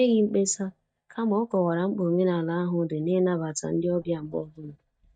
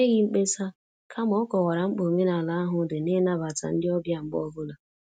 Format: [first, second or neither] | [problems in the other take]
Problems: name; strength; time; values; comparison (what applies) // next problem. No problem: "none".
second | noise reduction (neural mask model DeepFilterNet 3)